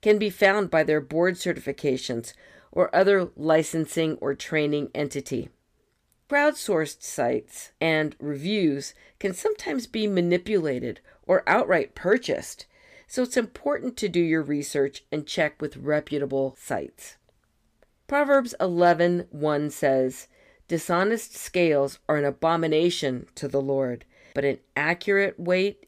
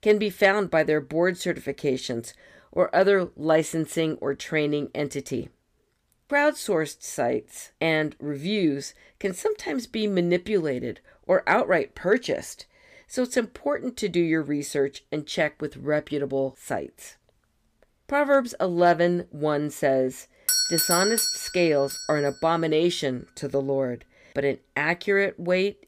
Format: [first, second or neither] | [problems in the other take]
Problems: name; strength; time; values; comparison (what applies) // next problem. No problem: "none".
first | doorbell; loud; from 20 to 22 s; peak 4 dB above the speech